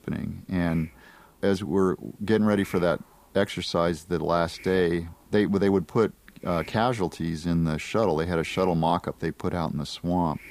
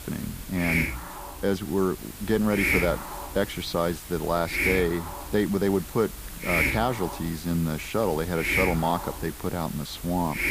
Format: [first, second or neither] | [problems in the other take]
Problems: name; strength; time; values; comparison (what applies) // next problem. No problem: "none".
first | hiss; loud; throughout; 3 dB below the speech; faint in the first